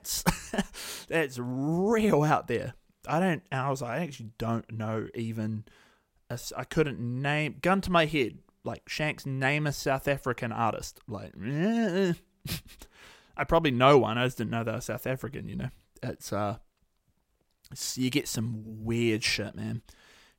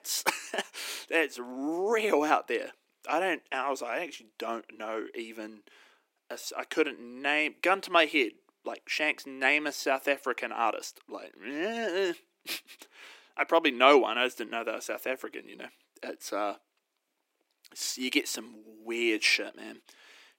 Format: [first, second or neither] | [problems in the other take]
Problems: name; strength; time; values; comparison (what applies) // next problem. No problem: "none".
first | thin; somewhat; fading below 300 Hz